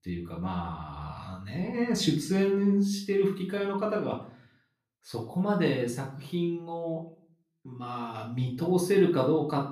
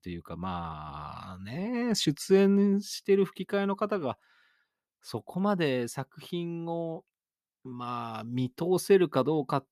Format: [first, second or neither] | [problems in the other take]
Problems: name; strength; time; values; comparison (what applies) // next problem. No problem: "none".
second | off-mic speech; far // room echo; slight; dies away in 0.4 s